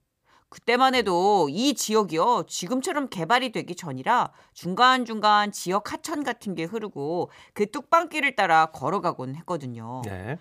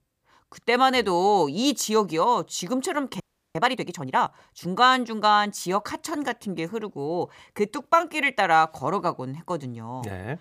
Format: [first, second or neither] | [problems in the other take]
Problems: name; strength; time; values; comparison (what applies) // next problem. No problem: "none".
first | audio freezing; at 3 s